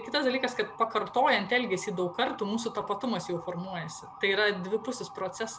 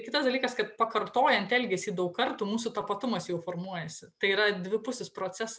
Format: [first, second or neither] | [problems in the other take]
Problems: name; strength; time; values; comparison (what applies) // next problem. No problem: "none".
second | background sound (Motor vehicle (road) / Siren); 16 dB below the speech